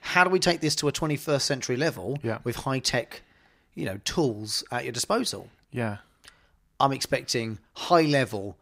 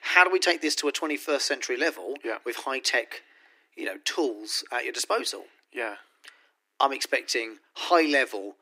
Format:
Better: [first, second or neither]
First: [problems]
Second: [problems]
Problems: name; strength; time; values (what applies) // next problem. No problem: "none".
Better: first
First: none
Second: thin; somewhat; fading below 300 Hz